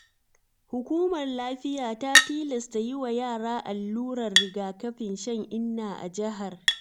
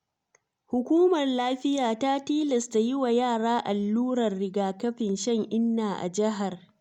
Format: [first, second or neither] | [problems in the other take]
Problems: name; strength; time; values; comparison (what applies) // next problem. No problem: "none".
second | background sound (Chink, clink); as loud as the speech